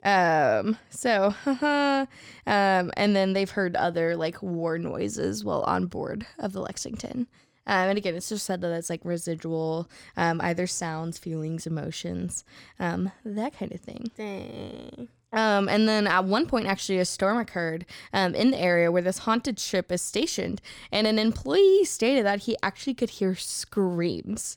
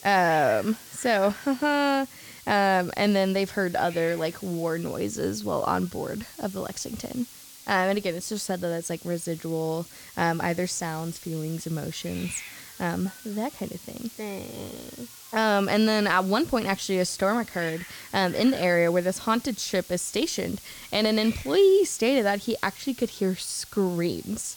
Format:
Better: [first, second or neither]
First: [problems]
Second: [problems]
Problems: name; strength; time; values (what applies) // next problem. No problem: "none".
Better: first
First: none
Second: hiss; noticeable; throughout; 15 dB below the speech